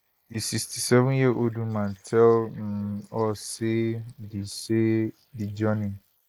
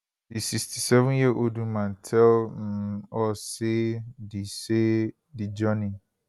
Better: second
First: noise reduction (neural mask model Resemble Enhance denoiser)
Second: none

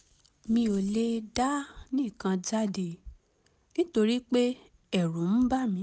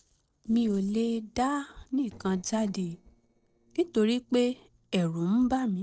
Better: first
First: none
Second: noise reduction (neural separator model SepFormer DNS4)

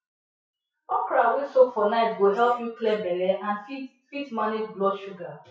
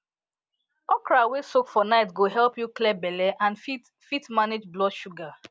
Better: second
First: noise reduction (classical method WPE with log-MMSE)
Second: none

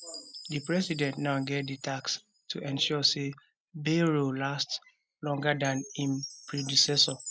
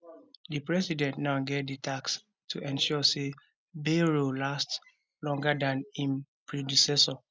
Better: second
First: background sound (Chime); 17 dB below the speech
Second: none

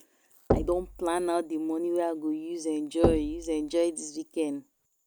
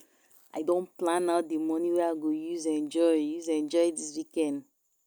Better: second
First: background sound (Knock); 4 dB below the speech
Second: none

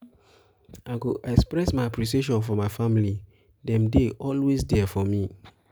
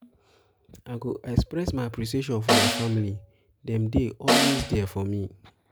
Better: first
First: none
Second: background sound (Snare drum); 2 dB above the speech

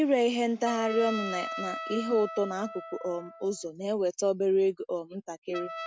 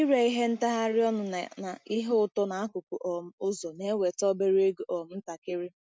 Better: second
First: background sound (Trumpet); 11 dB below the speech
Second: none

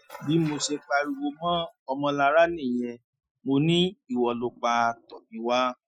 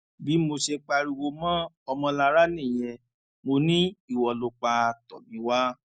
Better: second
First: noise reduction (classical method Wiener filter)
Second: none

